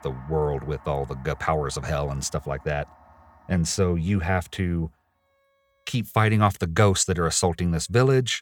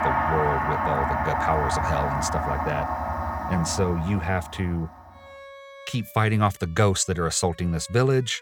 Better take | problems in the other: first | background music; loud; throughout; 1 dB below the speech; faint in the first

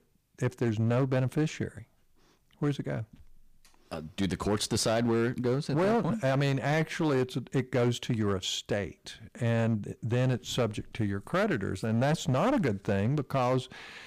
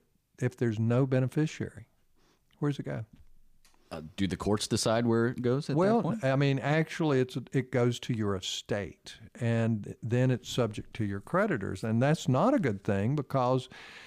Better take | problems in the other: second | distortion; slight; 10% of the sound clipped

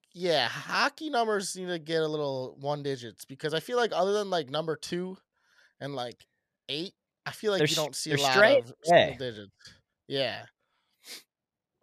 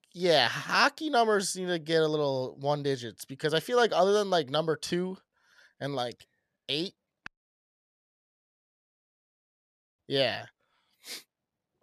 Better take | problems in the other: first | audio cutting out; at 7.5 s for 2.5 s

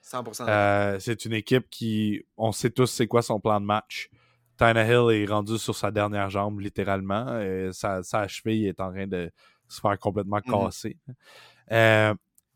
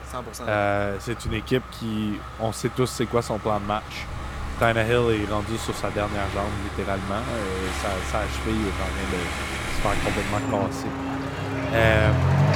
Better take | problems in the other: first | traffic noise; loud; throughout; 3 dB below the speech

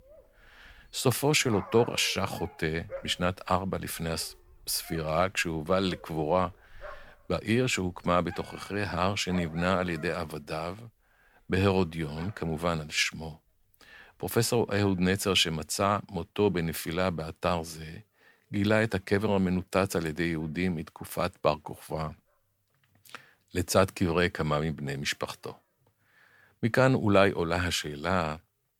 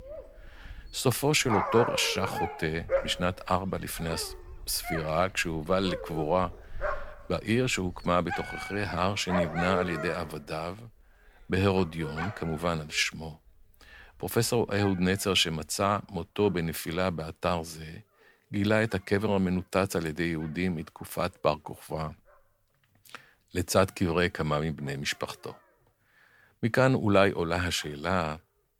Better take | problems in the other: first | animal sounds; loud; throughout; 8 dB below the speech; faint in the first

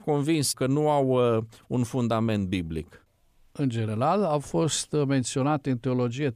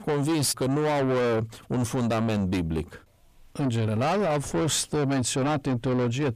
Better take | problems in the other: first | distortion; heavy; 7 dB below the speech

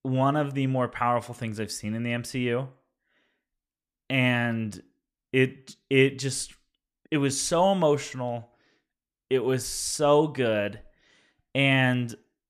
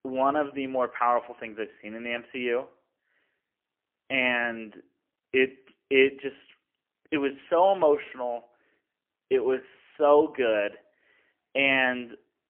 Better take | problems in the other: first | phone-call audio; poor line; nothing above 3 kHz

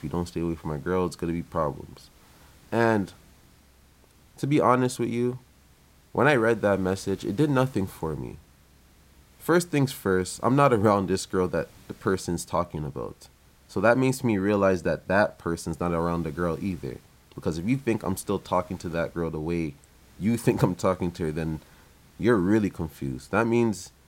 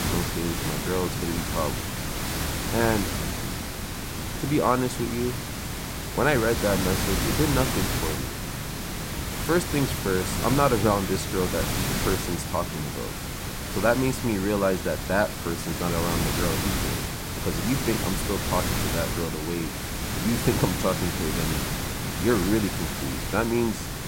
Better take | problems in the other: first | hiss; loud; throughout; 1 dB below the speech; faint in the first

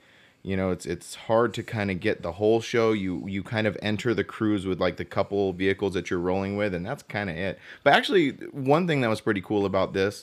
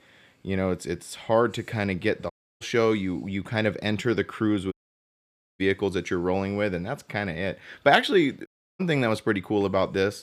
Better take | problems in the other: first | audio cutting out; at 2.5 s, at 4.5 s for 1 s and at 8.5 s

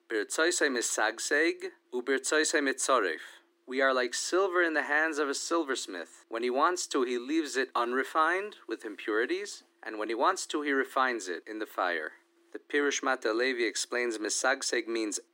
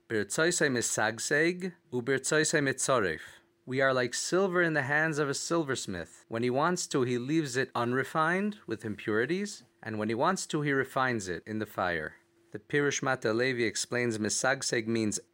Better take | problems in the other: second | thin; very slightly; fading below 250 Hz

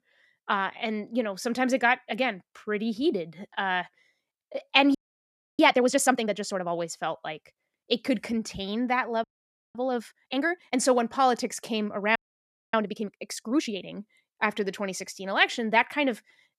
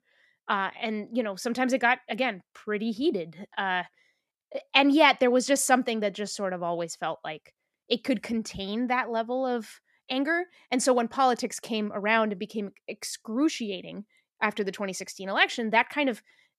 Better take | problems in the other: second | audio freezing; at 5 s for 0.5 s, at 9 s for 0.5 s and at 12 s for 0.5 s

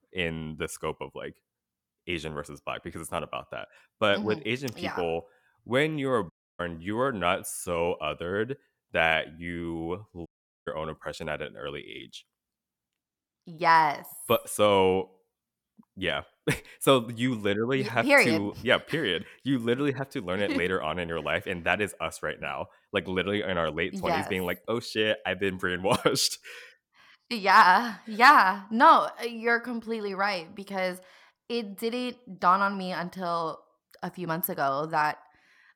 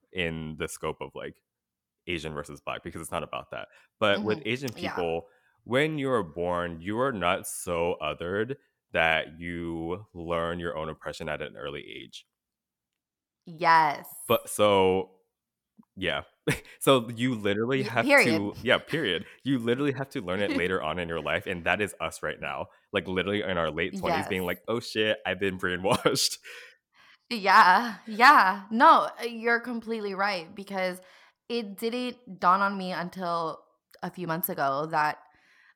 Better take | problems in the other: second | audio cutting out; at 6.5 s and at 10 s

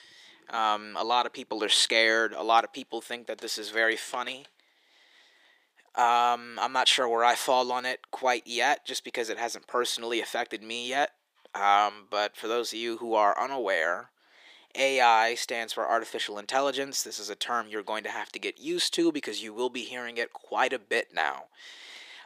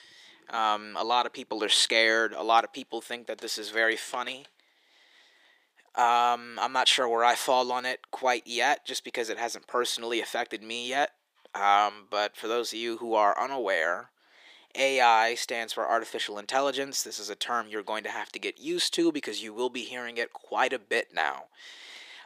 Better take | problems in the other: neither | thin; very; fading below 350 Hz; the same in both

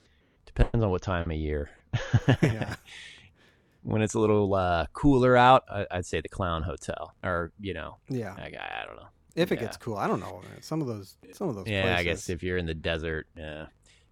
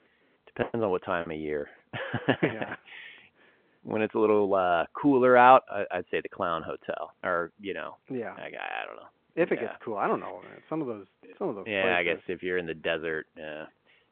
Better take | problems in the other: first | phone-call audio

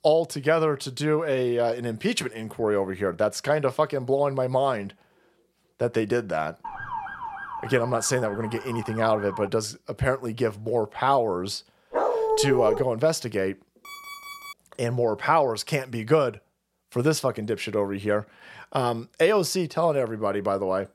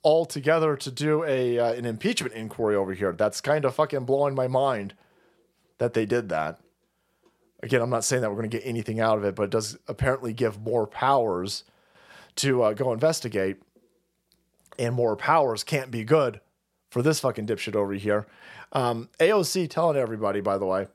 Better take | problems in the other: second | siren; noticeable; from 6.5 to 9.5 s; peak 8 dB below the speech // dog barking; loud; at 12 s; peak 2 dB above the speech // alarm; faint; at 14 s; peak 15 dB below the speech

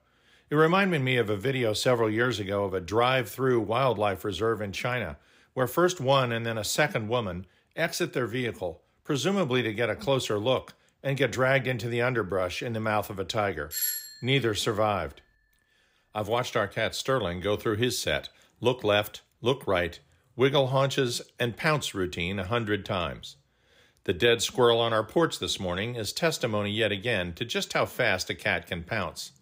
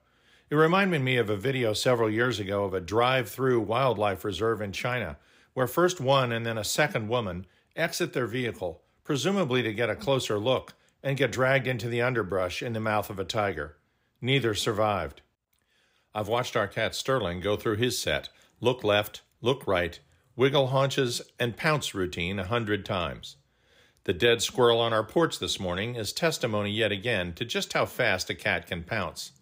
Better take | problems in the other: second | doorbell; noticeable; at 14 s; peak 1 dB below the speech

